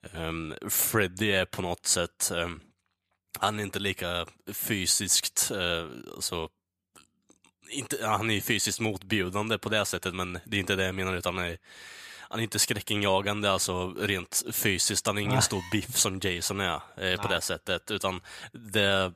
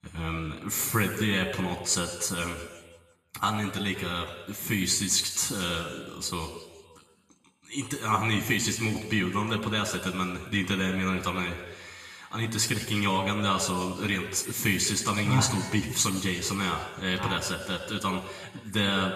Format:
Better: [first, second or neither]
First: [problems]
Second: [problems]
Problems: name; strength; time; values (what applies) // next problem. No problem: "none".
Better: first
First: none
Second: room echo; noticeable; dies away in 1.3 s // off-mic speech; somewhat distant